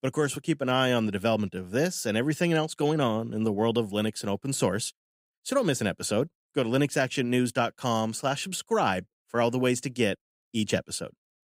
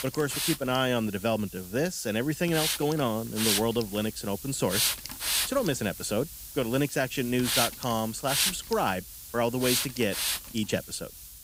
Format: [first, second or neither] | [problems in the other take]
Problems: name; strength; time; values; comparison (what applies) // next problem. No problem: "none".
first | hiss; loud; throughout; 1 dB below the speech